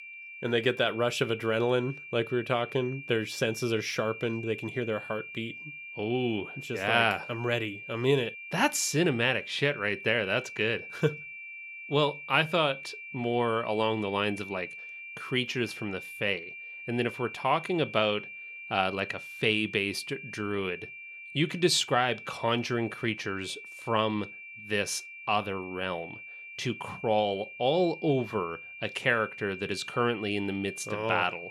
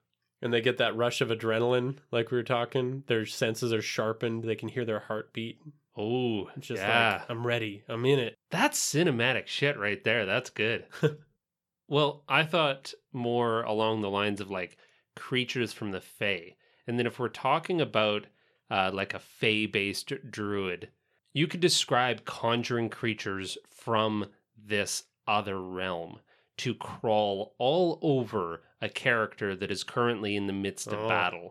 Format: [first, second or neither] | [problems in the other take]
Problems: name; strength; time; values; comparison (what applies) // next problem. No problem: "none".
second | high-pitched whine; noticeable; throughout; 2.5 kHz, 10 dB below the speech